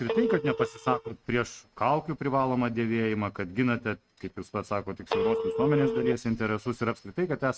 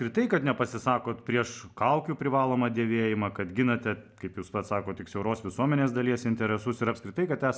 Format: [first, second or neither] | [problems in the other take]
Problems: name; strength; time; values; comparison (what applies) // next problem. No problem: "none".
second | noise reduction (neural mask model RNNoise)